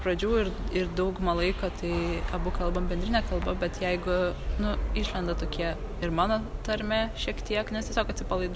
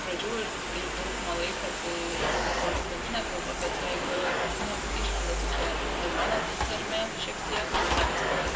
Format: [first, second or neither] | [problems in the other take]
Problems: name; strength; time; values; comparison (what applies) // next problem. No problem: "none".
first | background sound (Domestic sounds, home sounds); 3 dB above the speech // room echo; dies away in 0.2 s